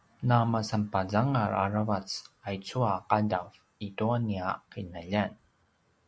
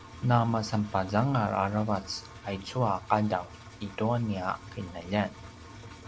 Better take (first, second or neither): first